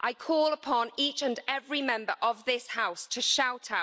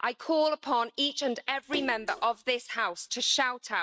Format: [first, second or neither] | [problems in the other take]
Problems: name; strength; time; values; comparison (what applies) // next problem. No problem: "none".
first | noise reduction (neural mask model RNNoise)